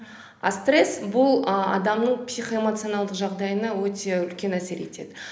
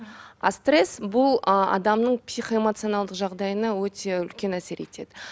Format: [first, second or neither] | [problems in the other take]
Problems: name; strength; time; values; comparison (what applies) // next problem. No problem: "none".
second | room echo; dies away in 0.8 s